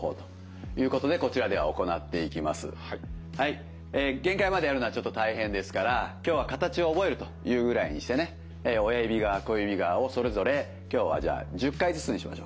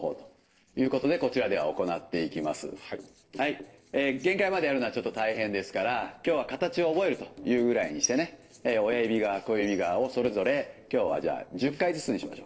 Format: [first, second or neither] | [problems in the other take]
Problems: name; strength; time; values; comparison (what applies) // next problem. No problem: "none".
first | noise reduction (neural separator model SepFormer DNS4)